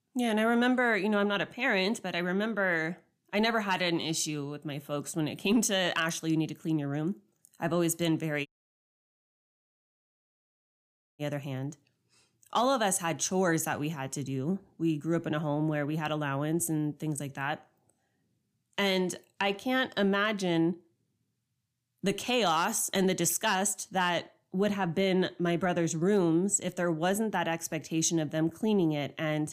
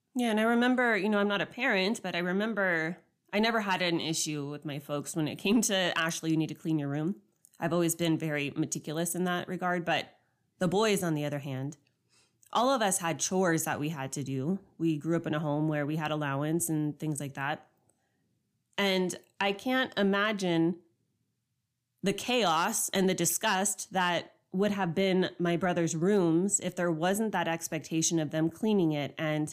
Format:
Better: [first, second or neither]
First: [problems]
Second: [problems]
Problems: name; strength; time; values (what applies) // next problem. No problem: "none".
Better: second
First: audio cutting out; at 8.5 s for 2.5 s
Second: none